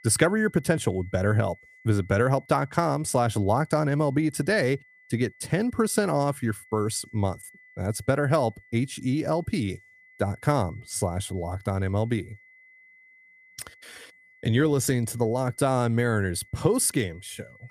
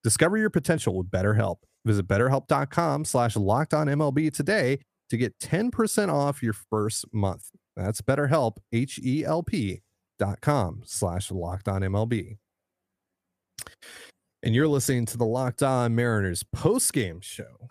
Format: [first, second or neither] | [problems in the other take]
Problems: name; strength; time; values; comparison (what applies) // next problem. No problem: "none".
second | high-pitched whine; faint; throughout; 2 kHz, 25 dB below the speech